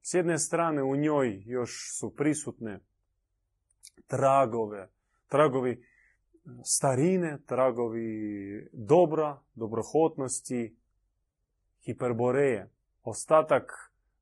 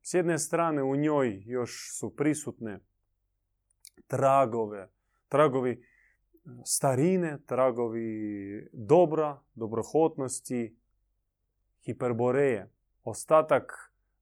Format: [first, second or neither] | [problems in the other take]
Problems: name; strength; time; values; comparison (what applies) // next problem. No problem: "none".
second | garbled, watery; badly; nothing above 10.5 kHz